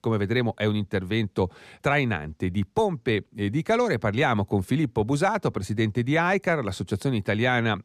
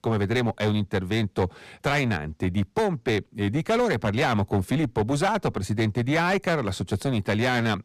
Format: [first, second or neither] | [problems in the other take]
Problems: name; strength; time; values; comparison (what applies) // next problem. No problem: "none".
first | distortion; slight; 12% of the sound clipped